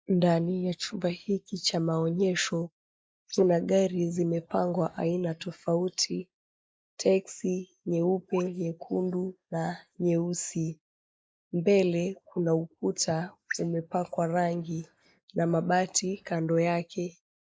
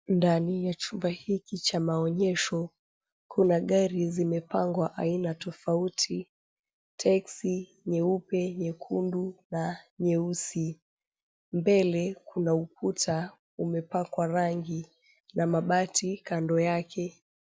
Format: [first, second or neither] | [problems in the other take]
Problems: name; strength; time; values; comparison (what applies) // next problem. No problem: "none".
second | noise reduction (neural mask model Resemble Enhance denoiser)